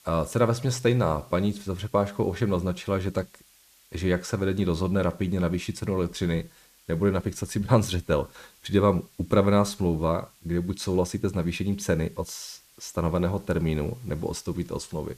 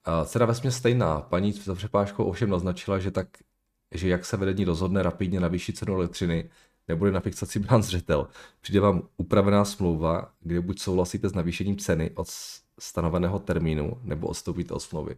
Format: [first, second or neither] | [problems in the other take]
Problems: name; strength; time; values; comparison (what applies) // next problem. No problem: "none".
second | hiss; faint; throughout; 30 dB below the speech